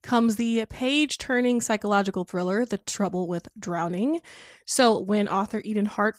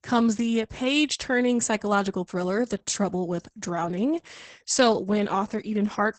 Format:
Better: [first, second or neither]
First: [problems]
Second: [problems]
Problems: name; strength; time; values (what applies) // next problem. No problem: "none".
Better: first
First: garbled, watery; slightly; nothing above 15.5 kHz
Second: garbled, watery; badly; nothing above 8 kHz